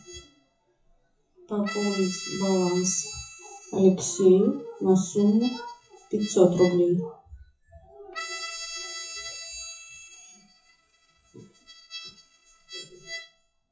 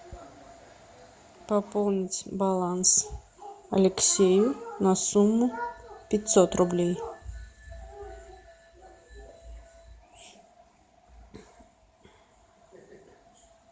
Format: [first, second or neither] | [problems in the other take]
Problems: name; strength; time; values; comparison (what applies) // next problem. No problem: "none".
second | noise reduction (classical method WPE with log-MMSE)